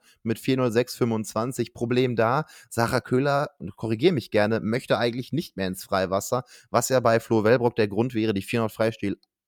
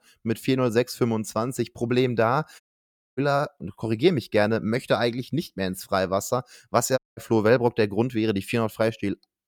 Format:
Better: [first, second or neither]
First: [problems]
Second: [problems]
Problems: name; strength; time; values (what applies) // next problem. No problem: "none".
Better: first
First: none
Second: audio cutting out; at 2.5 s for 0.5 s and at 7 s